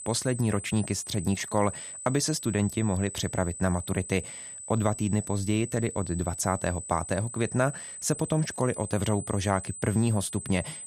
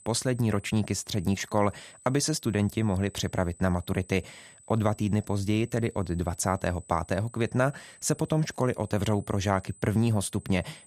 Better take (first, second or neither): second